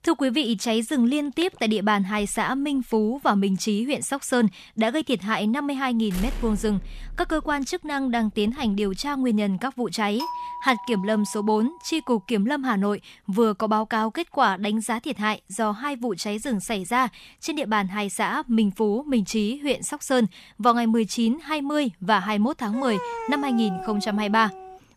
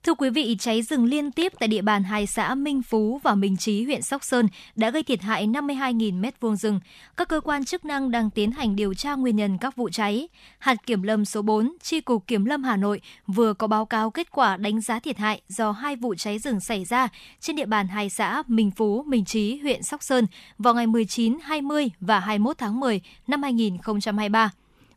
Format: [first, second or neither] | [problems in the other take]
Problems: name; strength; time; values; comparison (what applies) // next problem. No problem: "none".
second | door banging; noticeable; from 6 to 7.5 s; peak 9 dB below the speech // doorbell; noticeable; from 10 to 12 s; peak 7 dB below the speech // dog barking; noticeable; from 23 s on; peak 7 dB below the speech